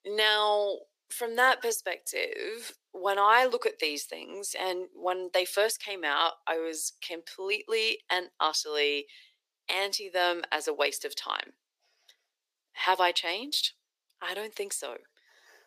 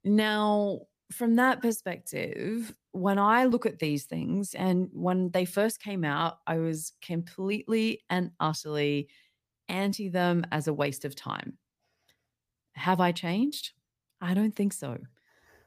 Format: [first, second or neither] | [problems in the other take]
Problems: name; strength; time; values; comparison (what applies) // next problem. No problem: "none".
second | thin; very; fading below 350 Hz